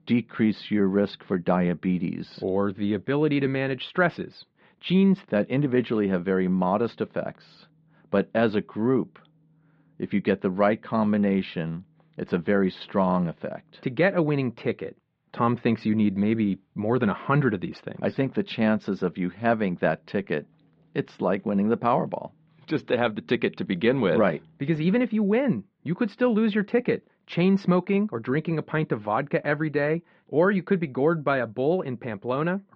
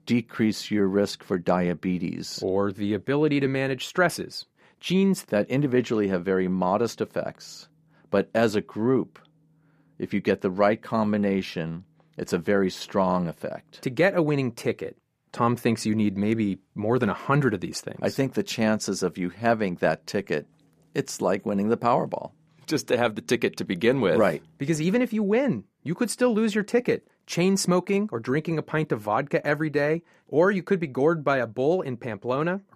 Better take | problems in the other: second | muffled; slightly; fading above 4 kHz

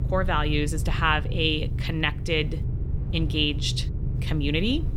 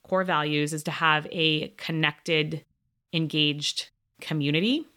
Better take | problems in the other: second | low rumble; noticeable; throughout; 15 dB below the speech

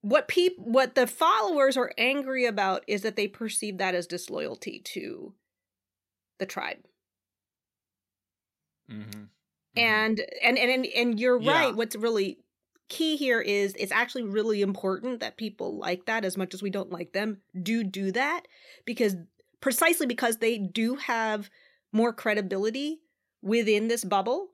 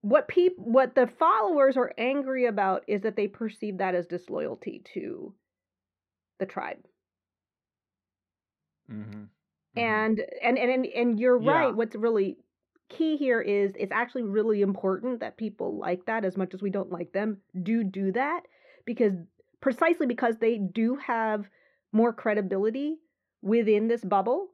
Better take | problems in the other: first | muffled; very; fading above 3.5 kHz

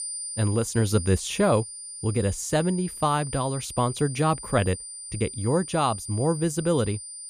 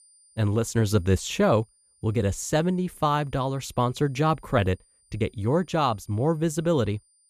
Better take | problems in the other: second | high-pitched whine; loud; throughout; 9 kHz, 10 dB below the speech; faint in the second

